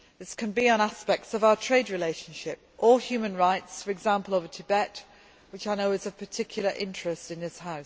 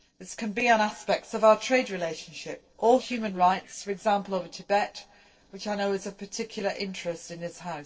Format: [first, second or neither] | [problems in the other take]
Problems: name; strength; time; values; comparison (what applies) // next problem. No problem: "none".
first | noise reduction (neural separator model SepFormer DNS4)